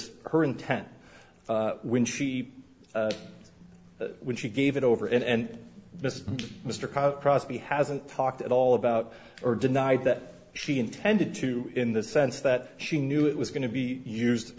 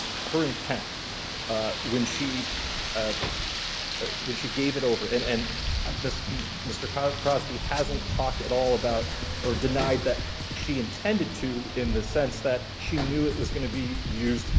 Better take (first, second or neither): first